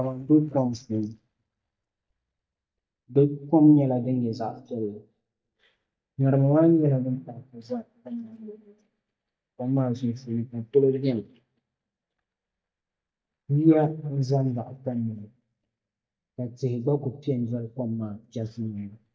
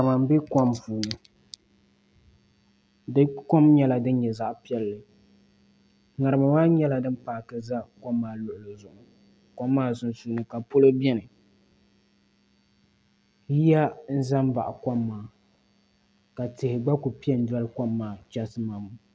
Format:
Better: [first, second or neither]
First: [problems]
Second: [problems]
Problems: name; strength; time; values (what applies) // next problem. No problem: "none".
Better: second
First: noise reduction (neural mask model DeepFilterNet 3)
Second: none